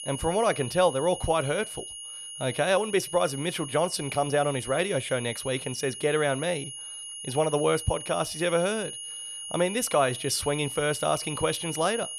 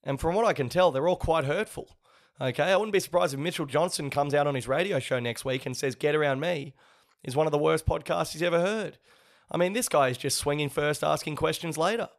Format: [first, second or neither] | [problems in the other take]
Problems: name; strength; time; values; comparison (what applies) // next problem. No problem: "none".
second | high-pitched whine; loud; throughout; 3 kHz, 9 dB below the speech